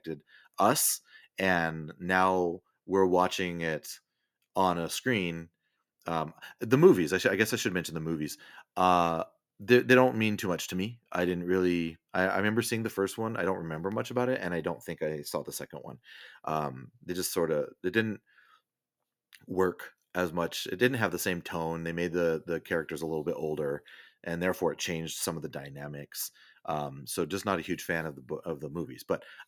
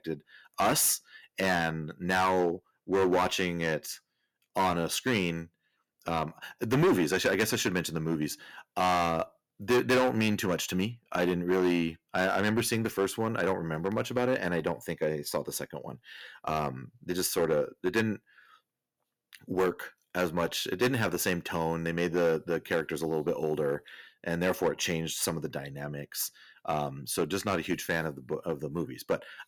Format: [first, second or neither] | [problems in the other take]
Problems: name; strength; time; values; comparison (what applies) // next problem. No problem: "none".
first | distortion; heavy; 4% of the sound clipped